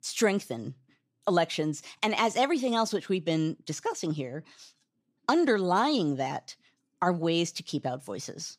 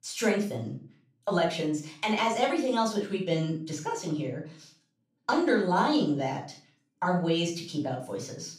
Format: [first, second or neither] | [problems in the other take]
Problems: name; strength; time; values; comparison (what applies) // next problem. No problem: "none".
first | off-mic speech; somewhat distant // room echo; slight; dies away in 0.3 s